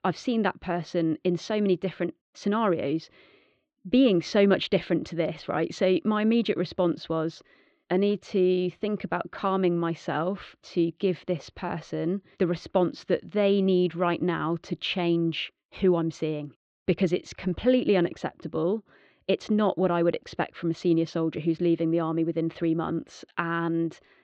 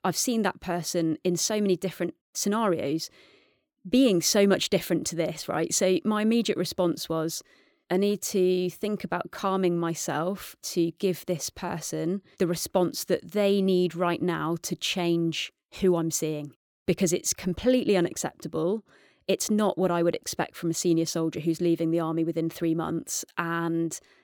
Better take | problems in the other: second | muffled; slightly; fading above 3.5 kHz

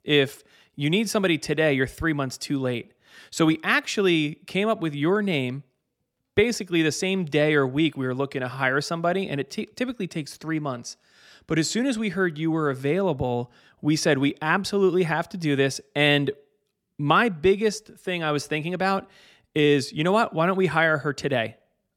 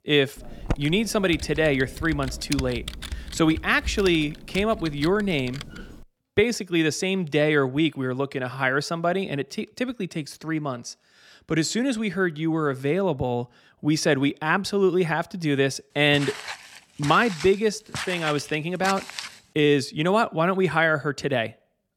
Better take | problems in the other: first | keyboard typing; noticeable; until 6 s; peak 7 dB below the speech // footsteps; noticeable; from 16 to 19 s; peak 6 dB below the speech

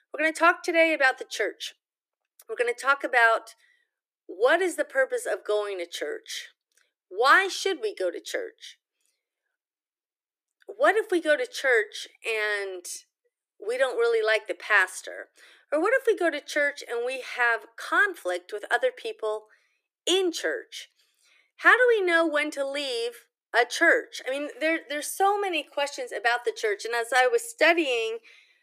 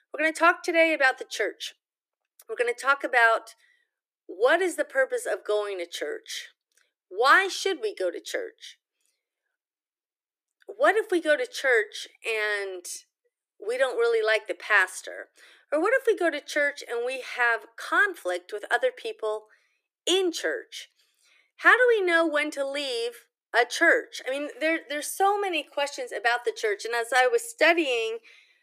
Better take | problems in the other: neither | thin; very; fading below 300 Hz; the same in both

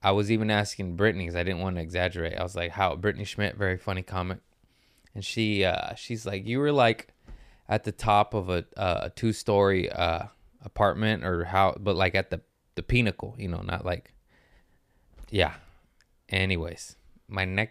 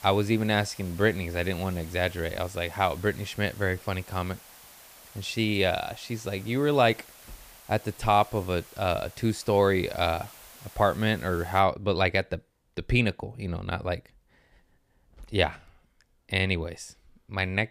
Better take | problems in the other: first | hiss; faint; until 12 s; 20 dB below the speech

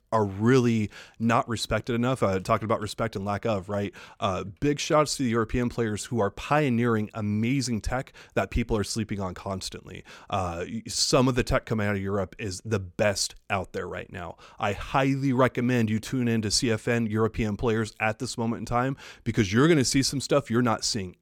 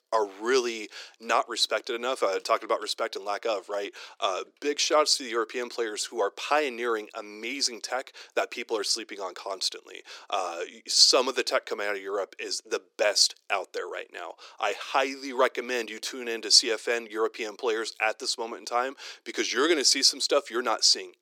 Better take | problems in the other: first | thin; very; fading below 350 Hz

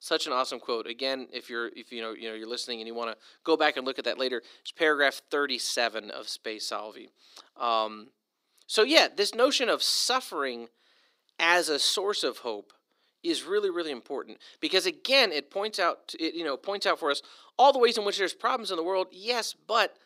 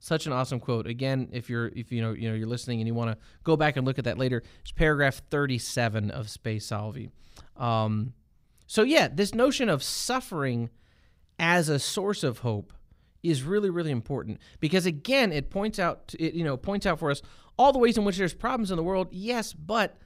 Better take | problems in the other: second | thin; somewhat; fading below 300 Hz

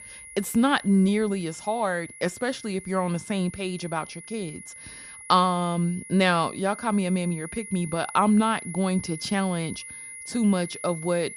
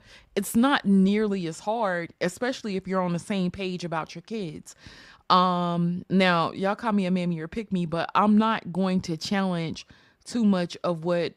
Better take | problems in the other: second | high-pitched whine; noticeable; throughout; 10.5 kHz, 15 dB below the speech

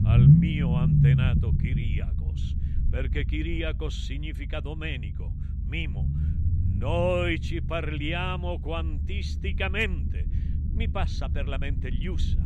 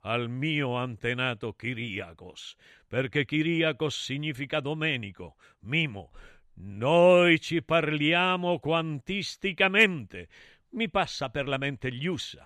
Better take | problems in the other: second | low rumble; loud; throughout; 5 dB below the speech

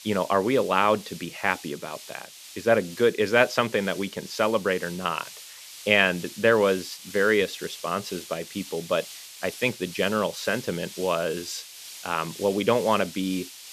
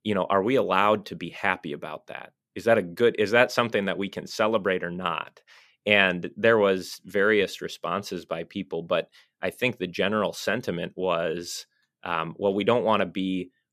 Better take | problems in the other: second | hiss; noticeable; throughout; 15 dB below the speech

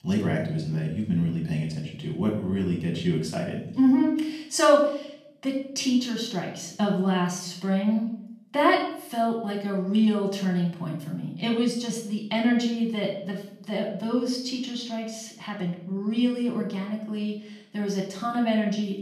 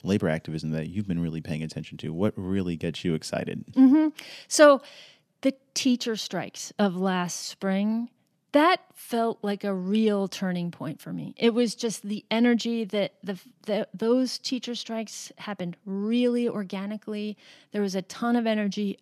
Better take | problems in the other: second | off-mic speech; far // room echo; noticeable; dies away in 0.7 s

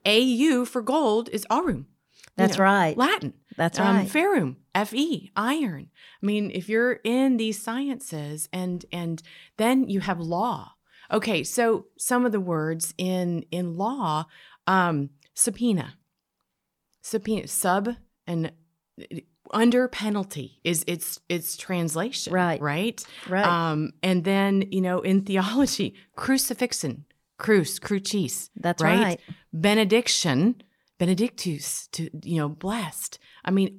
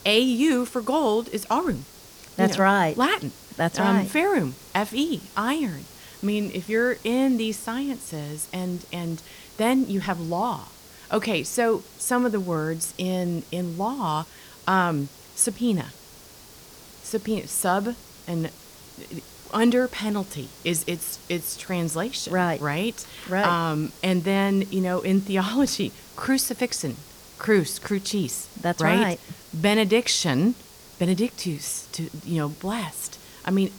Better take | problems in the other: first | hiss; noticeable; throughout; 20 dB below the speech

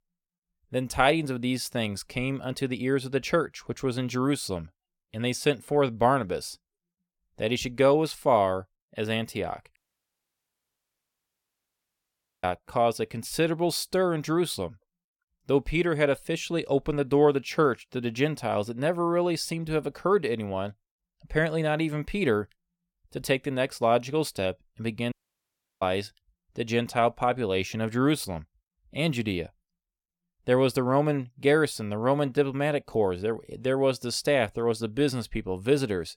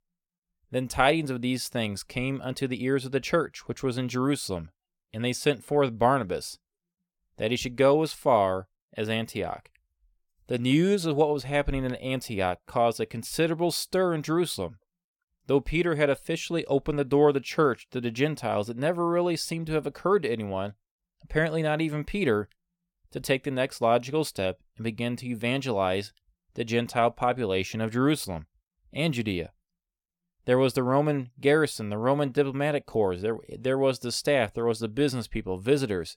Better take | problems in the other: second | audio cutting out; at 10 s for 2.5 s and at 25 s for 0.5 s

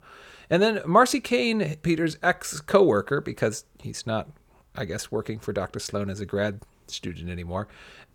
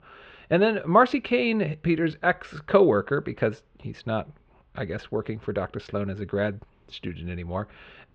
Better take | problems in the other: first | muffled; slightly; fading above 3 kHz

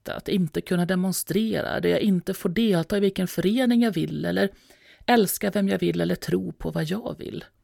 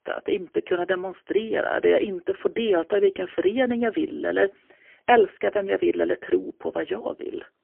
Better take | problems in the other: first | phone-call audio; poor line; nothing above 3.5 kHz

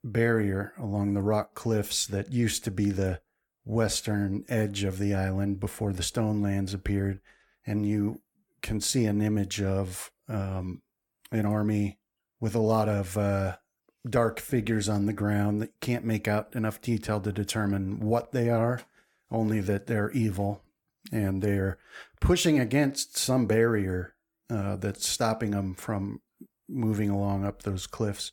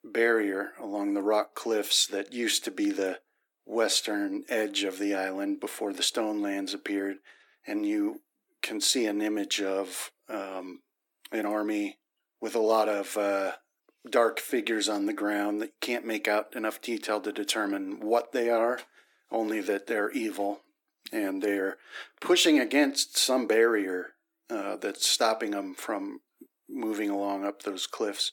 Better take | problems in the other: first | thin; somewhat; fading below 300 Hz

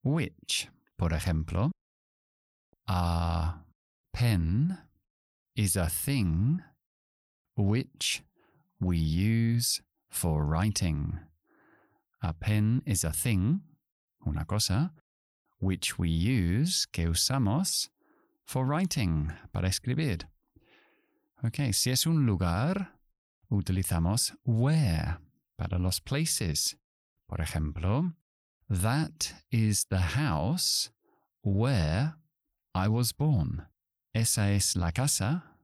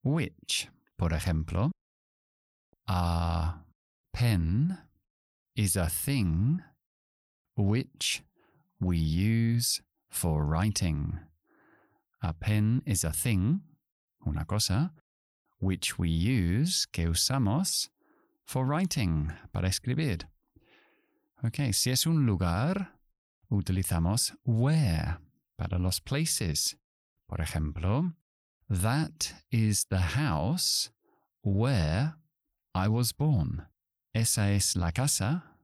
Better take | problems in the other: neither | none

